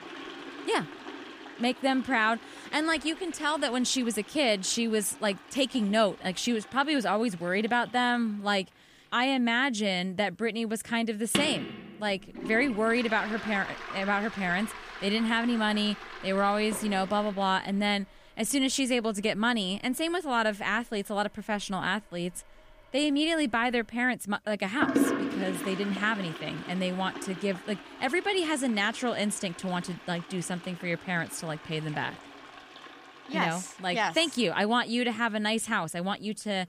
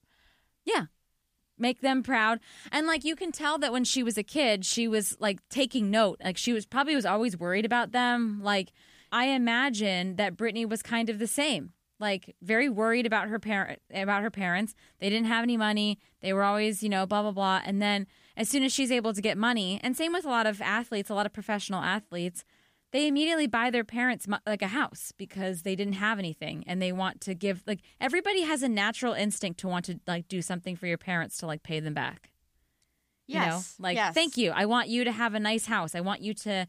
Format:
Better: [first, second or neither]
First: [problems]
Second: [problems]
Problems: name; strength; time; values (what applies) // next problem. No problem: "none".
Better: second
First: household noises; noticeable; throughout; 10 dB below the speech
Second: none